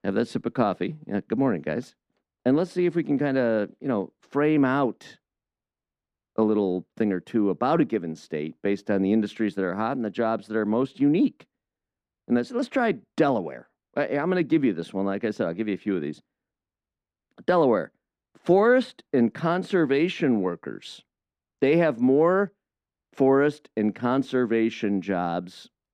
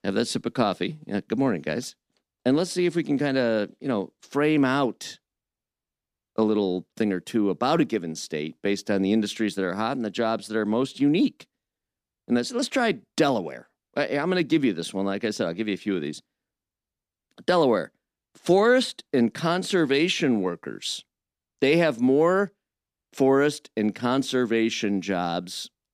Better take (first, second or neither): second